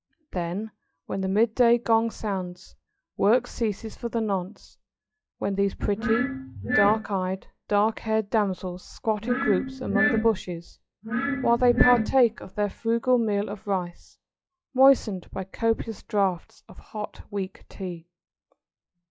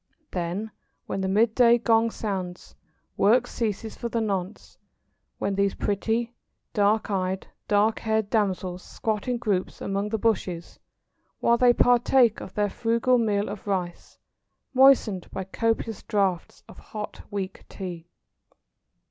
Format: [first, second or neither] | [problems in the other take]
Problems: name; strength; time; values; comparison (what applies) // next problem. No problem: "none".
second | noise reduction (classical method log-MMSE)